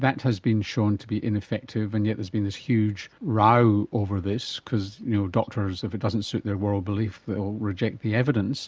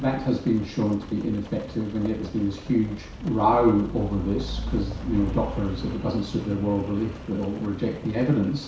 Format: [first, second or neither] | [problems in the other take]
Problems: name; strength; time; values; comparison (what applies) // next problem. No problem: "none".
first | background sound (Rain); 10 dB below the speech // room echo; dies away in 0.6 s